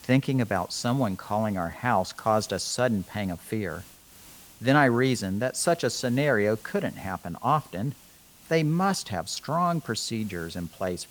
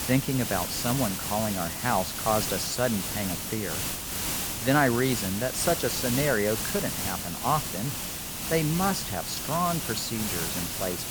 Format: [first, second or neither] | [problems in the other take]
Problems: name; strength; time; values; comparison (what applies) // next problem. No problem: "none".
first | hiss; loud; throughout; 1 dB below the speech; faint in the first